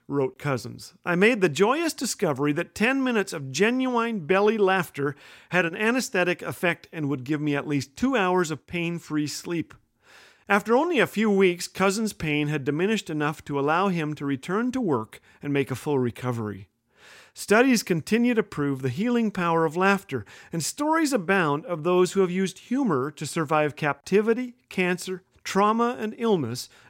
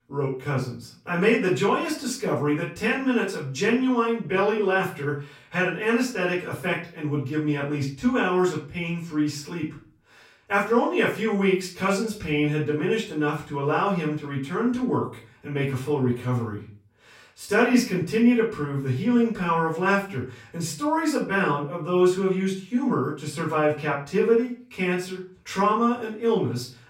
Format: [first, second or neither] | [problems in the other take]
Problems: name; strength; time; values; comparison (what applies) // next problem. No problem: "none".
first | off-mic speech; far // room echo; slight; dies away in 0.3 s